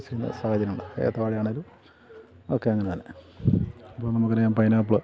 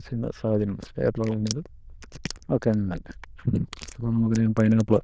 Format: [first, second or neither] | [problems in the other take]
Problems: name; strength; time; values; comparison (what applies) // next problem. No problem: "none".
first | noise reduction (neural diffusion model UNIVERSE++)